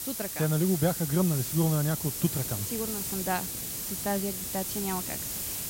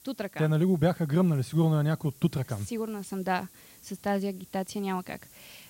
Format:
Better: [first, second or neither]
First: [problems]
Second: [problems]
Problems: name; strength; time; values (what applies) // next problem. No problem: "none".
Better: second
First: hiss; loud; throughout; 2 dB below the speech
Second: hiss; faint; throughout; 25 dB below the speech